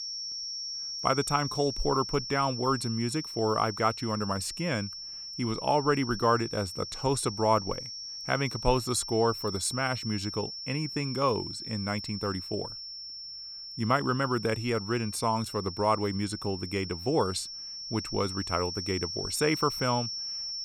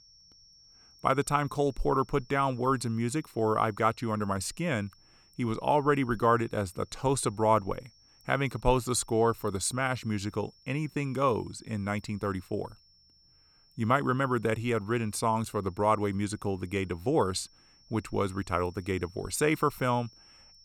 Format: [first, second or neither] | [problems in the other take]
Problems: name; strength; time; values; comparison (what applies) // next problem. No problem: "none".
second | high-pitched whine; loud; throughout; 5.5 kHz, 6 dB below the speech; faint in the second